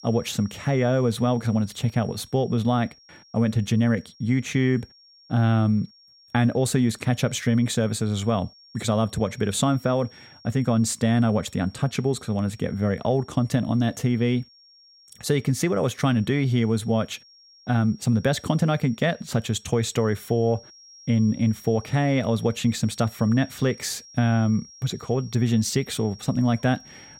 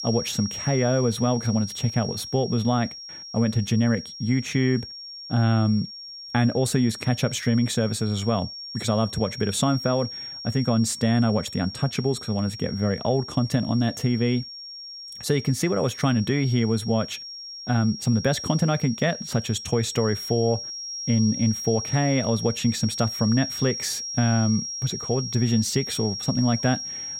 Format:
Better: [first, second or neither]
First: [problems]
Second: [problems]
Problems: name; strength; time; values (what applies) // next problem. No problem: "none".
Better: first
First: high-pitched whine; faint; throughout; 5.5 kHz, 25 dB below the speech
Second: high-pitched whine; loud; throughout; 5.5 kHz, 9 dB below the speech